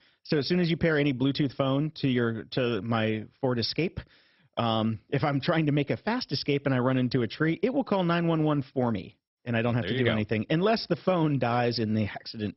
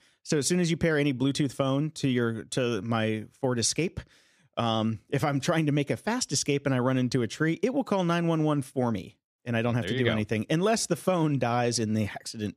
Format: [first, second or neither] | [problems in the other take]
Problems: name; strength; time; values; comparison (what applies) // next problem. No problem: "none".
second | garbled, watery; badly; nothing above 5.5 kHz